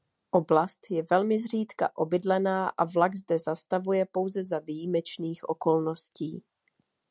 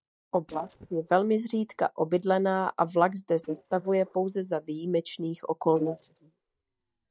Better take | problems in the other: first | noise reduction (neural mask model DeepFilterNet 3)

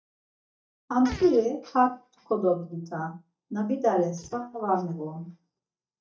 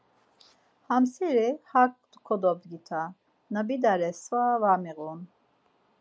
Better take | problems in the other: second | noise reduction (neural mask model DeepFilterNet 3)

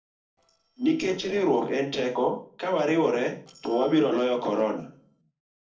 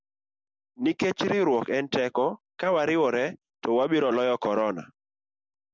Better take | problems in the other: second | noise reduction (neural separator model SepFormer DNS4)

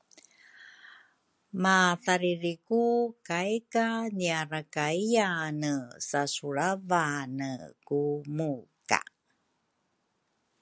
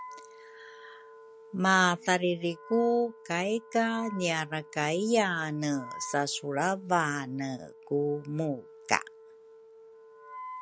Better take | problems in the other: first | background sound (Wind instrument, woodwind instrument); 18 dB below the speech

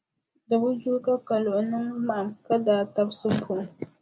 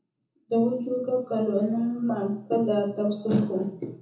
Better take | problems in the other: first | room echo; dies away in 0.6 s

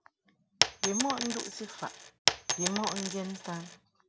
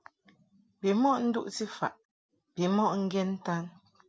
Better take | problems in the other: second | background sound (Coin (dropping)); 4 dB above the speech

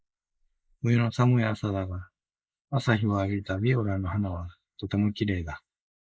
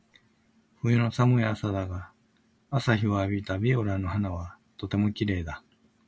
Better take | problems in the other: second | noise reduction (neural mask model Resemble Enhance denoiser)

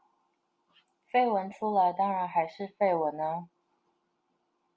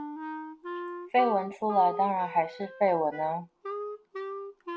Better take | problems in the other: first | background sound (Wind instrument, woodwind instrument); 9 dB below the speech

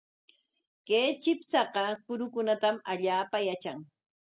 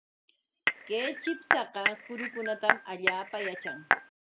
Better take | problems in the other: first | background sound (Cutlery, silverware / Dishes, pots, and pans / Chink, clink); 5 dB above the speech

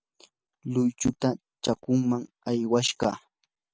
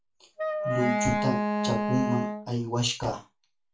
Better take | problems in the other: first | background sound (Wind instrument, woodwind instrument); 1 dB above the speech // room echo; dies away in 0.3 s

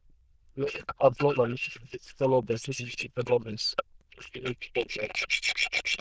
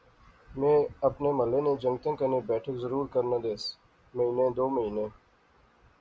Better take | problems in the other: second | noise reduction (neural diffusion model UNIVERSE++)

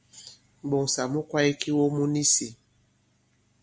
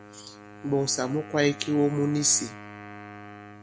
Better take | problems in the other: first | background sound (Wind instrument, woodwind instrument); 16 dB below the speech

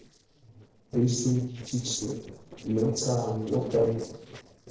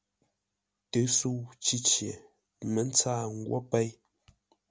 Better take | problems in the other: second | noise reduction (neural separator model SepFormer DNS4)

